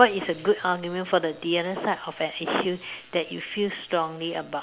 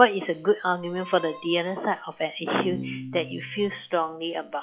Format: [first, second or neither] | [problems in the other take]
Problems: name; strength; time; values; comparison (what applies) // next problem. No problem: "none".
first | noise reduction (classical method log-MMSE)